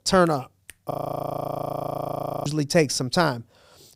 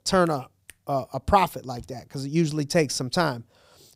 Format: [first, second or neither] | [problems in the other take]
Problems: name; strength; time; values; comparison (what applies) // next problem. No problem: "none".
second | audio freezing; at 1 s for 1.5 s